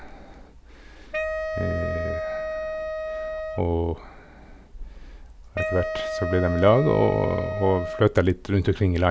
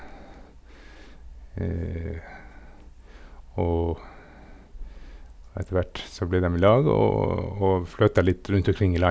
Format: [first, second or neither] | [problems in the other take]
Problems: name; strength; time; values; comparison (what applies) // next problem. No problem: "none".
second | background sound (Wind instrument, woodwind instrument); 6 dB below the speech